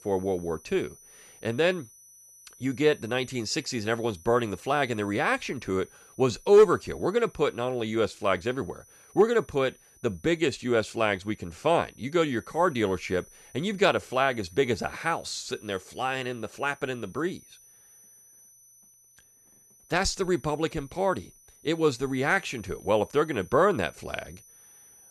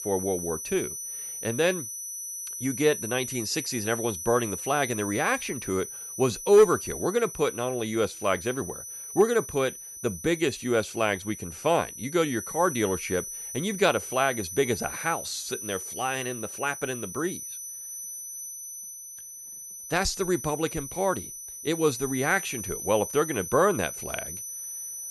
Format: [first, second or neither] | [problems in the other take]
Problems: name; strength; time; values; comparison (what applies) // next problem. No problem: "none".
first | high-pitched whine; loud; throughout; 6 kHz, 8 dB below the speech; faint in the first